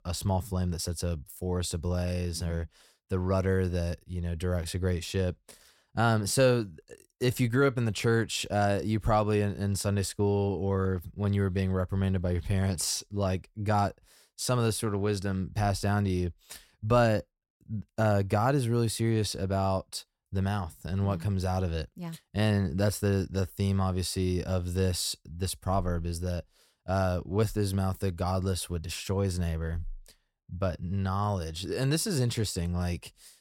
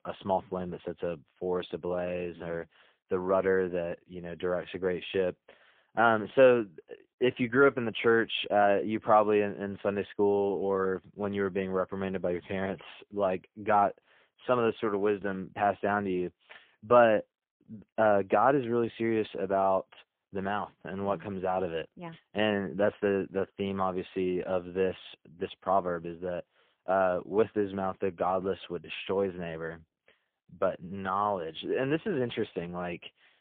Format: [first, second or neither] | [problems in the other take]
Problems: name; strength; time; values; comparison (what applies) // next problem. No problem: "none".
first | phone-call audio; poor line; nothing above 3.5 kHz